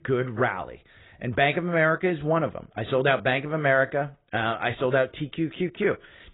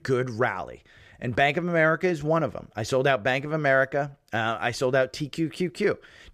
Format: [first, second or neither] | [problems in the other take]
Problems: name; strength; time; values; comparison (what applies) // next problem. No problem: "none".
second | garbled, watery; badly; nothing above 4 kHz